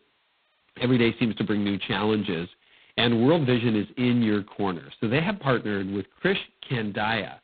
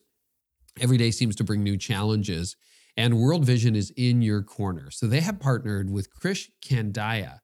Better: second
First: phone-call audio; poor line; nothing above 4 kHz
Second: none

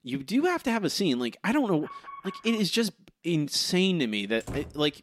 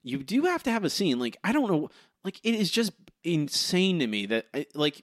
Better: second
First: alarm; faint; at 2 s; peak 15 dB below the speech // door banging; faint; at 4.5 s; peak 15 dB below the speech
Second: none

